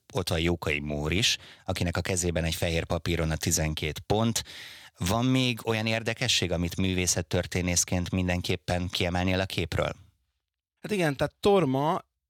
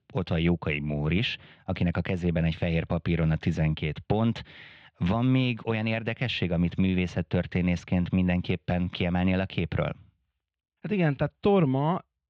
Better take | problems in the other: first | muffled; very; fading above 3 kHz

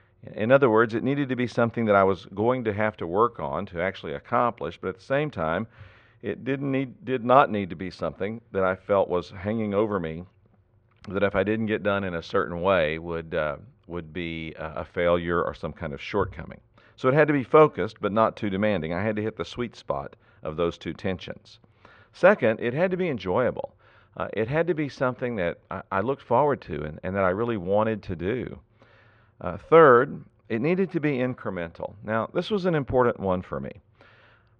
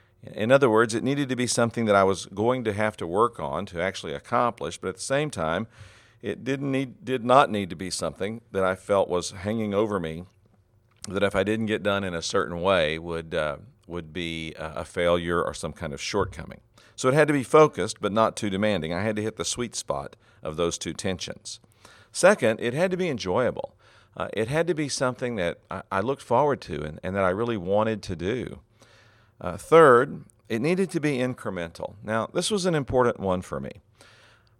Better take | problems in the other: second | muffled; very; fading above 3 kHz

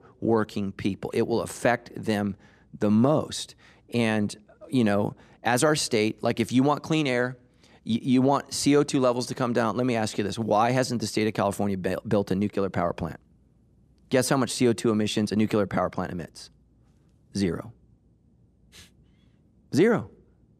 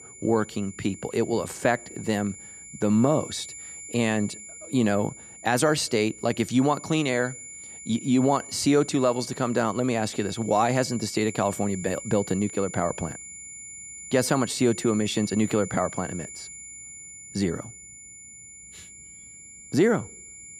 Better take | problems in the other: first | high-pitched whine; noticeable; throughout; 7 kHz, 15 dB below the speech

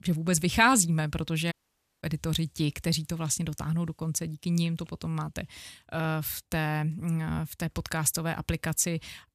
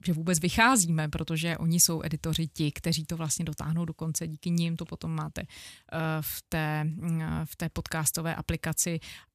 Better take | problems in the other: second | audio cutting out; at 1.5 s for 0.5 s

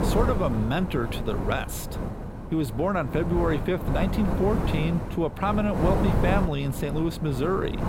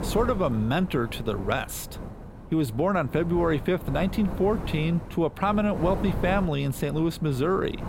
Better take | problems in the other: second | wind noise on the microphone; heavy; 6 dB below the speech; occasional gusts in the second

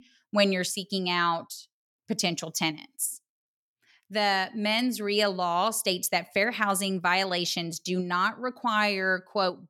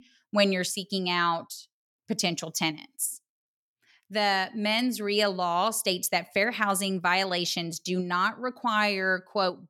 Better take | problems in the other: neither | none

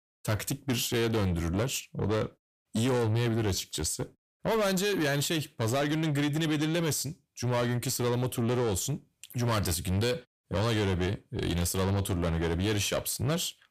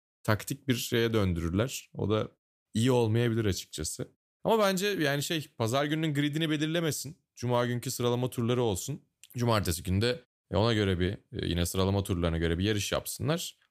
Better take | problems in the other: second | distortion; heavy; 7 dB below the speech

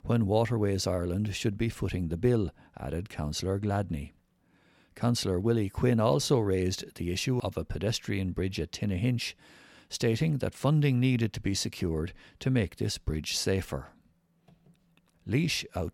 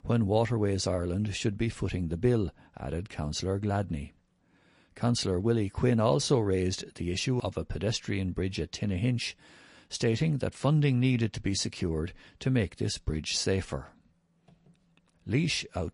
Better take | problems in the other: first | garbled, watery; slightly; nothing above 10.5 kHz

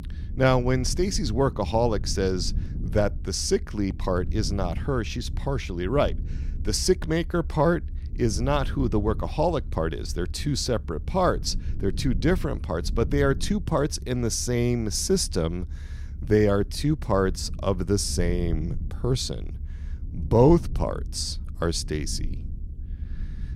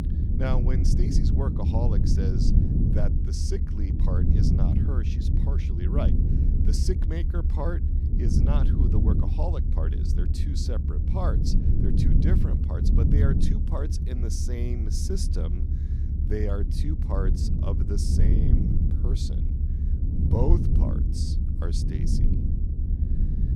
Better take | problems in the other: first | low rumble; loud; throughout; 1 dB below the speech; faint in the first

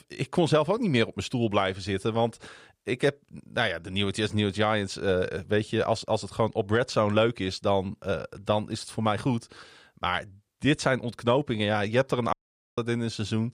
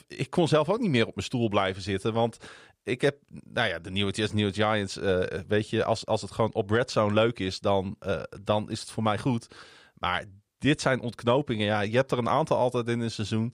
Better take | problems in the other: second | audio cutting out; at 12 s

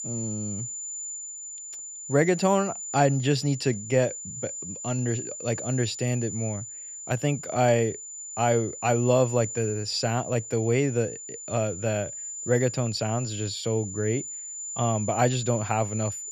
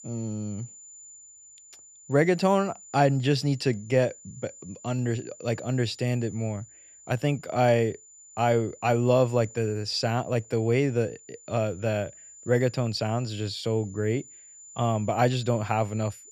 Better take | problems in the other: second | high-pitched whine; loud; throughout; 7 kHz, 8 dB below the speech; faint in the second

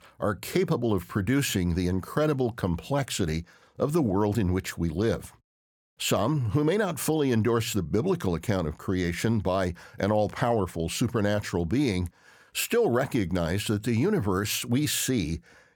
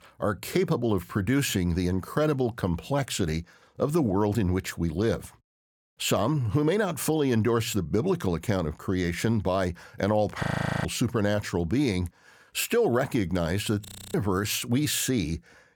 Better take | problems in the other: first | audio freezing; at 10 s and at 14 s

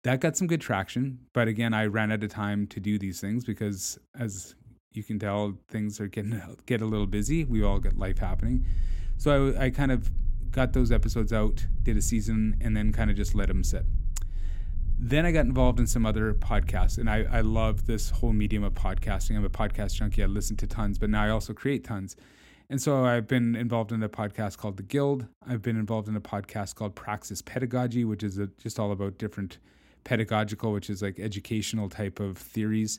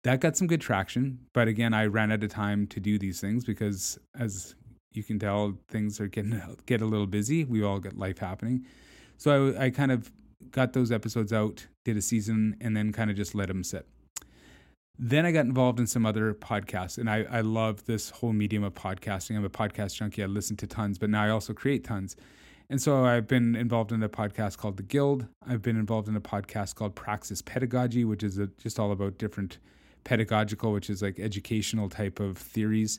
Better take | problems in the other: second | low rumble; faint; from 7 to 21 s; 20 dB below the speech

